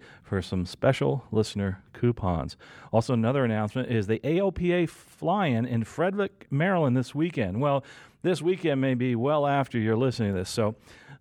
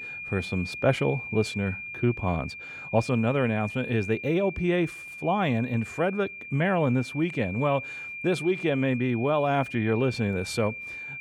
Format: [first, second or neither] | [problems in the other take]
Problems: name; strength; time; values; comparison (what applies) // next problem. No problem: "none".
first | high-pitched whine; loud; throughout; 2.5 kHz, 9 dB below the speech